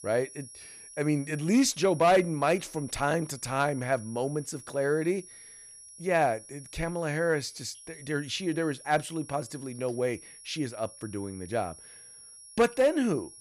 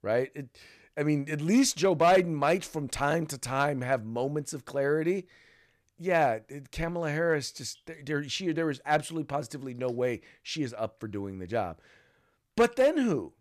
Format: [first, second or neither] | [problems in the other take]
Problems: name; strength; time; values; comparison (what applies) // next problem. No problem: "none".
second | high-pitched whine; noticeable; throughout; 10.5 kHz, 15 dB below the speech